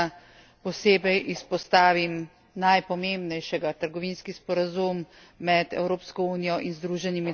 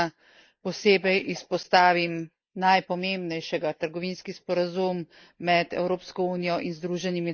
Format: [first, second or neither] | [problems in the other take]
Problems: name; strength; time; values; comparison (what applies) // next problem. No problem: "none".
first | noise reduction (neural mask model Resemble Enhance denoiser)